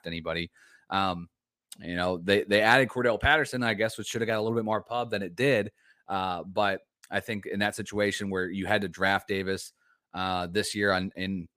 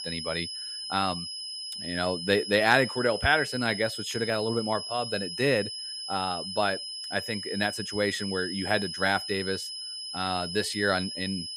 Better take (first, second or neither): first